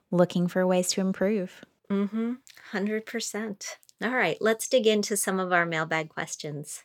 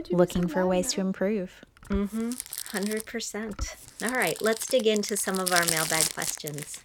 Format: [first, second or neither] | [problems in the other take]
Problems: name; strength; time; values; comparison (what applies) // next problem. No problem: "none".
first | household noises; loud; throughout; 3 dB below the speech